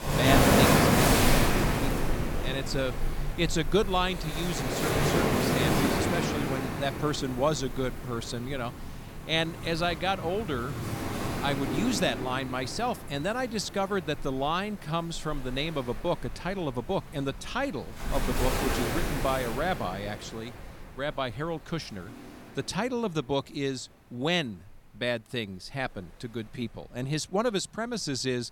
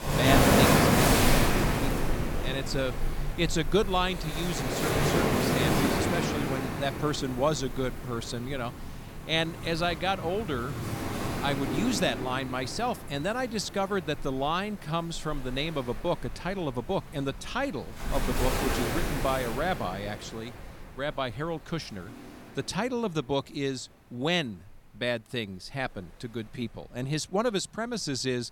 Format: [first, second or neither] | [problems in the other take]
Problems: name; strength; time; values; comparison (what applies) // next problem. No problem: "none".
neither | rain or running water; very loud; throughout; 3 dB above the speech; the same in both